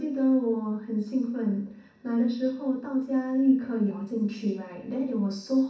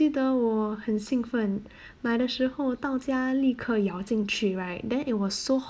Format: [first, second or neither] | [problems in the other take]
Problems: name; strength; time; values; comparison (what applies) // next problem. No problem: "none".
second | room echo; dies away in 0.6 s